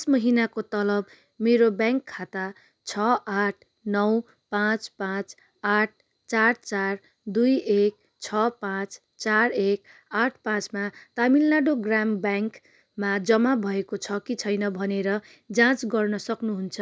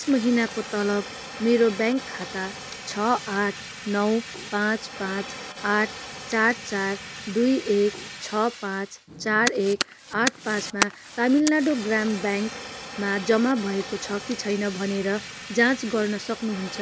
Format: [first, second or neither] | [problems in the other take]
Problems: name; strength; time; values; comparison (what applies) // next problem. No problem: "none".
first | background sound (Fire); 11 dB below the speech